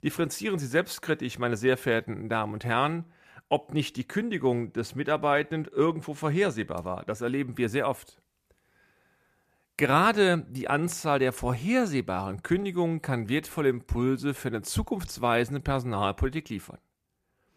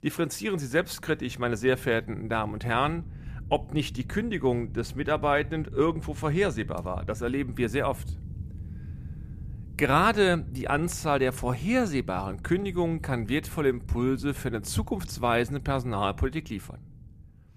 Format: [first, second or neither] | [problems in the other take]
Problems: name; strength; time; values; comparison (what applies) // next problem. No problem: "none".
first | low rumble; faint; throughout; 25 dB below the speech